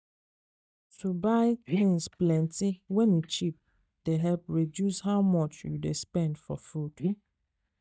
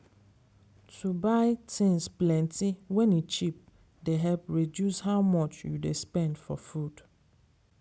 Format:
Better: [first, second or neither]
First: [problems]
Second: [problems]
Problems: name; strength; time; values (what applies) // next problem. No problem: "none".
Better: second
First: noise reduction (neural mask model DeepFilterNet 3)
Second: none